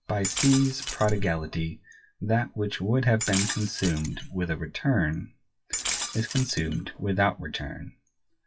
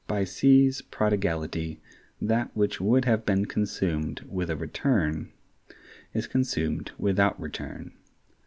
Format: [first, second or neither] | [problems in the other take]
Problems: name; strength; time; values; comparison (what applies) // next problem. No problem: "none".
second | noise reduction (classical method WPE with log-MMSE)